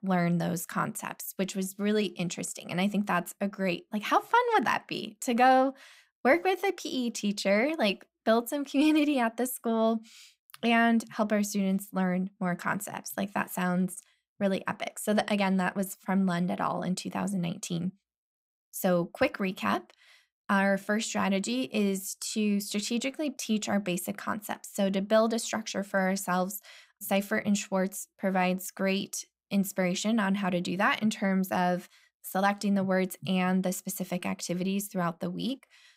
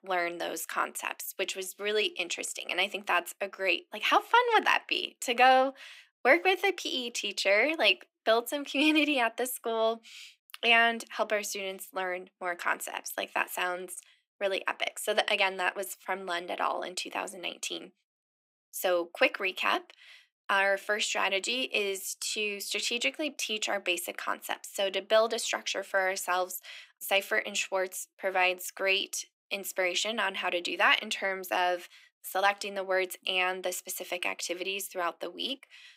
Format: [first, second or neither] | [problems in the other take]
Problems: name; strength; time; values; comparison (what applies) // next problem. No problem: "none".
first | thin; very; fading below 300 Hz